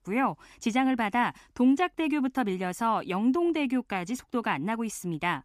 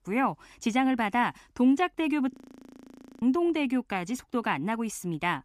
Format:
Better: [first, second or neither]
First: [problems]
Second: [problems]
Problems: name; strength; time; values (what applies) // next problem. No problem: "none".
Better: first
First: none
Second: audio freezing; at 2.5 s for 1 s